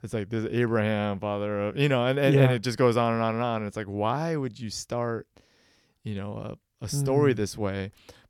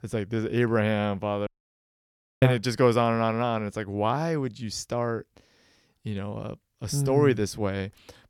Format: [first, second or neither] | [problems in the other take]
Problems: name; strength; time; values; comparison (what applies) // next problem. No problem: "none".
first | audio cutting out; at 1.5 s for 1 s